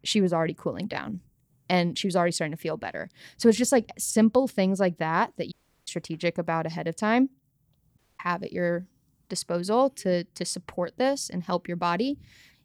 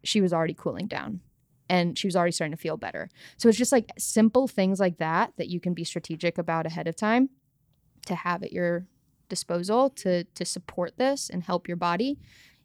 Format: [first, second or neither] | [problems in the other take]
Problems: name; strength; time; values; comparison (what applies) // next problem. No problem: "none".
second | audio cutting out; at 5.5 s and at 8 s